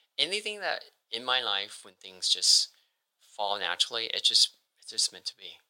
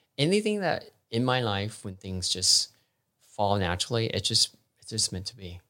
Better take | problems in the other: second | thin; very; fading below 650 Hz

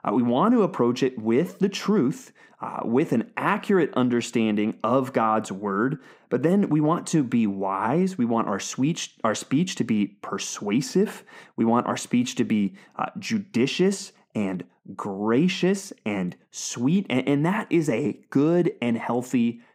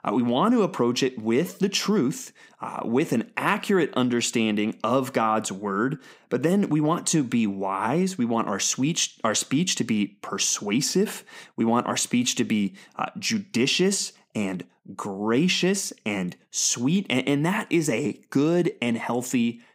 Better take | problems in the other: second | muffled; slightly; fading above 2.5 kHz

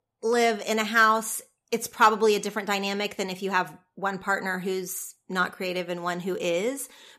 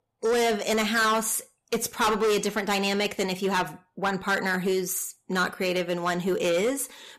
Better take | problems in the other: first | distortion; heavy; 13% of the sound clipped

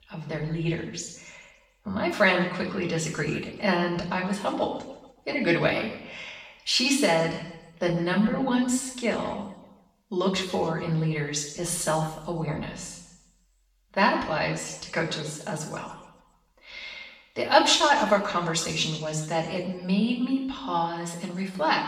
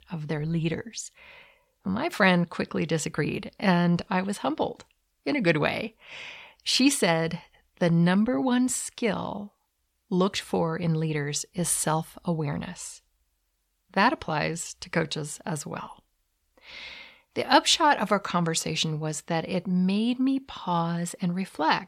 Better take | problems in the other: second | room echo; noticeable; dies away in 1 s // off-mic speech; far

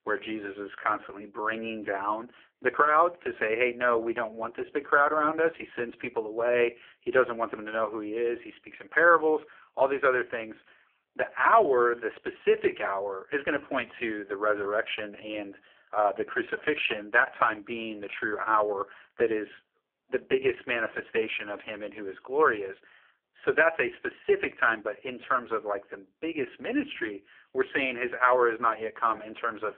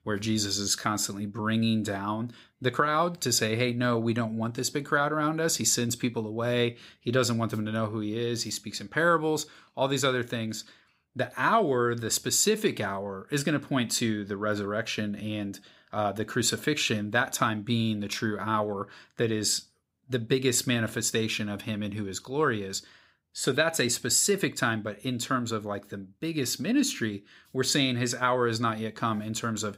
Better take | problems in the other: second | phone-call audio; poor line

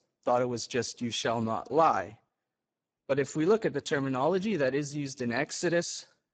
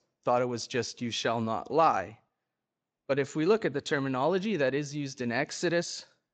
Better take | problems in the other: second | garbled, watery; badly; nothing above 7.5 kHz; slightly in the second

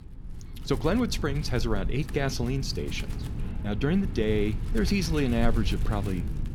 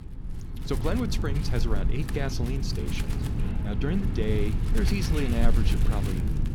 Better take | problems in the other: first | wind noise on the microphone; heavy; 5 dB below the speech; occasional gusts in the first

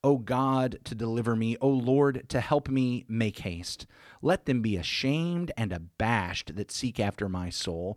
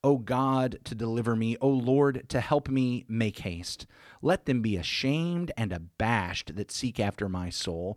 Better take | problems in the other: neither | none

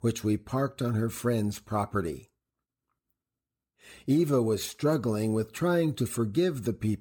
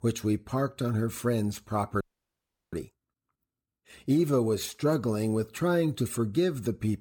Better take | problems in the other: first | audio freezing; at 2 s for 0.5 s

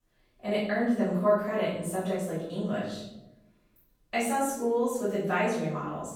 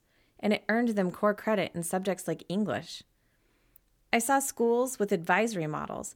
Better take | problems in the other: second | off-mic speech; far // room echo; noticeable; dies away in 0.8 s

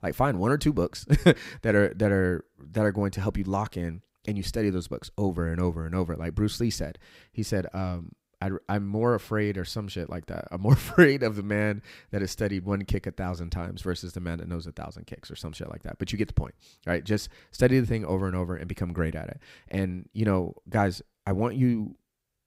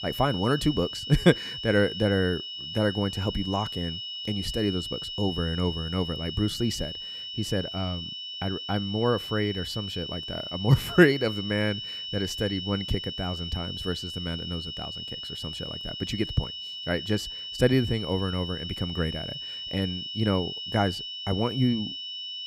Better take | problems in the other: first | high-pitched whine; loud; throughout; 3 kHz, 6 dB below the speech

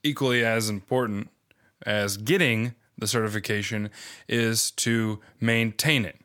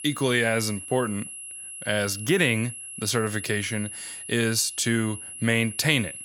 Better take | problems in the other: first | high-pitched whine; noticeable; throughout; 11 kHz, 10 dB below the speech

